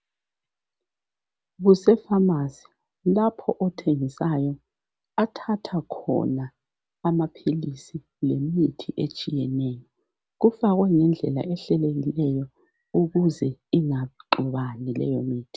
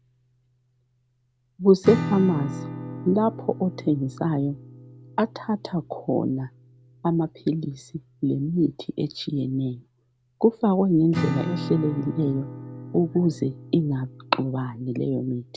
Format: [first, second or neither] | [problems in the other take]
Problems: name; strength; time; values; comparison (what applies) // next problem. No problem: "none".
first | background sound (Acoustic guitar / Strum); 11 dB below the speech